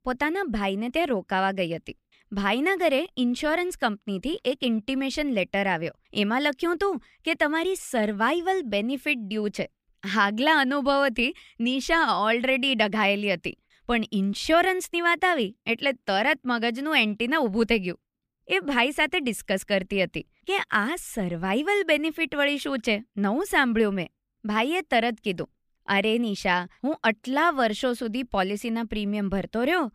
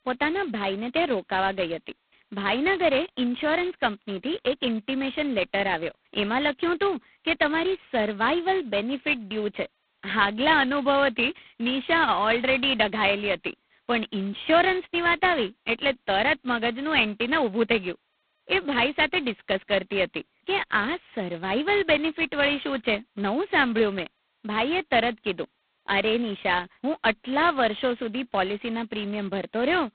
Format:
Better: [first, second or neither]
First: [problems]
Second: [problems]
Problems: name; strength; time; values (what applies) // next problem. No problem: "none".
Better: first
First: none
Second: phone-call audio; poor line; nothing above 3.5 kHz